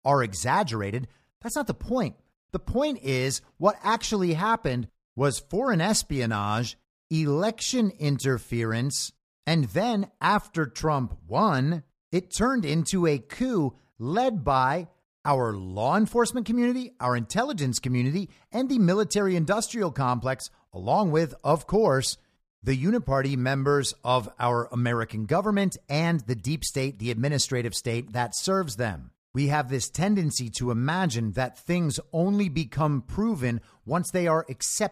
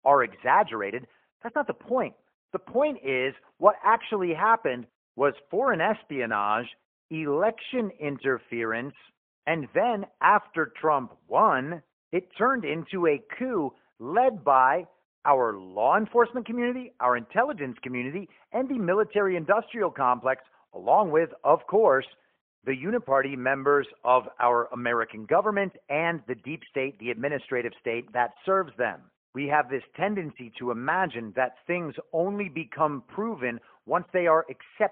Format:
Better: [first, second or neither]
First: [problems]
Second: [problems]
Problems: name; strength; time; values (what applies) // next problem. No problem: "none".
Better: first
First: none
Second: phone-call audio; poor line